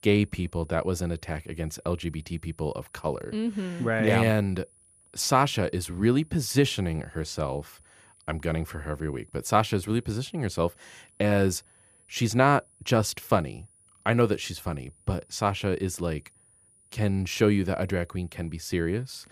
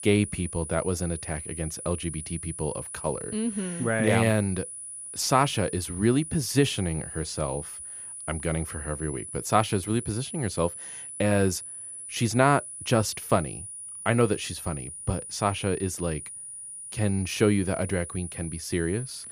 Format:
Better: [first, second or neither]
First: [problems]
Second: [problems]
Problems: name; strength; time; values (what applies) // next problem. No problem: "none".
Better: first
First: high-pitched whine; faint; throughout; 9.5 kHz, 30 dB below the speech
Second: high-pitched whine; loud; throughout; 9.5 kHz, 9 dB below the speech